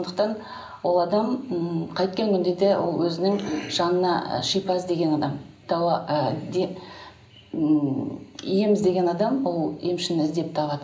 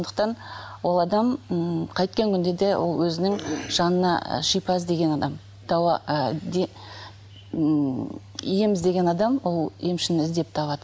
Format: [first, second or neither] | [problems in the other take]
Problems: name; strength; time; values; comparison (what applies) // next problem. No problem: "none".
second | room echo; dies away in 0.5 s